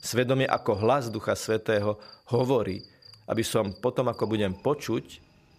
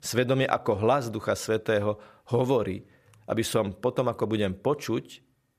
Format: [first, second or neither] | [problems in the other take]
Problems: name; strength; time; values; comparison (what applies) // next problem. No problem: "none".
second | animal sounds; faint; throughout; 25 dB below the speech